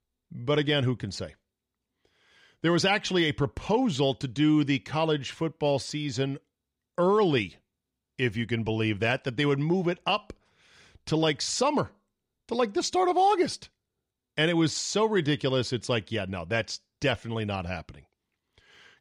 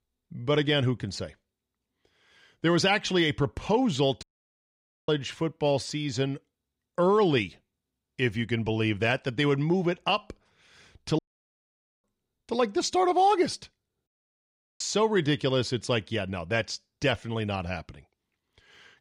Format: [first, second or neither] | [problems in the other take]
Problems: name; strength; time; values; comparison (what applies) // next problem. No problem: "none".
first | audio cutting out; at 4 s for 1 s, at 11 s for 1 s and at 14 s for 0.5 s